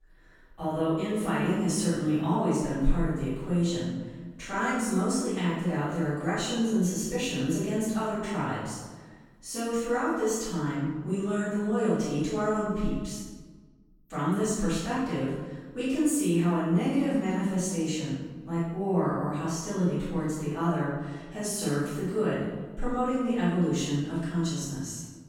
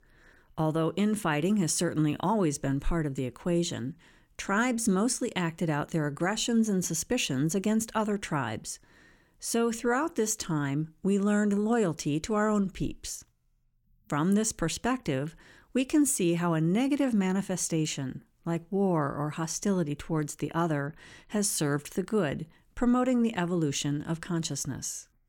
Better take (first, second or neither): second